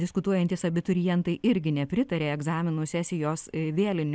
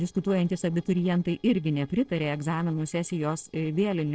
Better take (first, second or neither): first